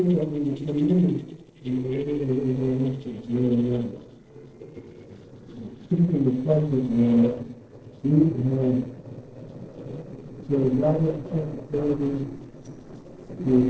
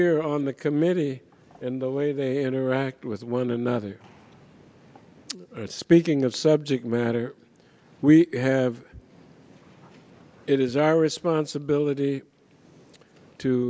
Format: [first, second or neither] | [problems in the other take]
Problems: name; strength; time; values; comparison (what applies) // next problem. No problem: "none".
second | noise reduction (neural separator model SepFormer DNS4)